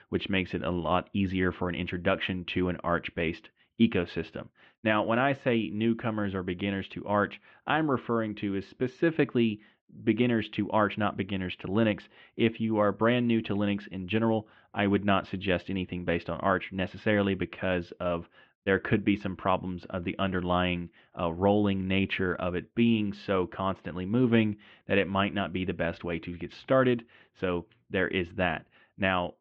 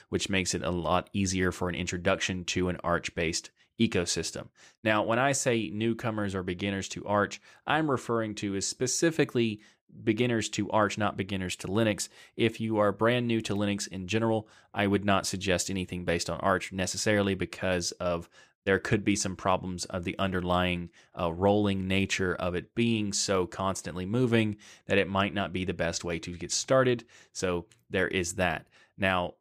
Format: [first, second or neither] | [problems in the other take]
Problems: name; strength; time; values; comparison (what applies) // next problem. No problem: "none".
second | muffled; very; fading above 3 kHz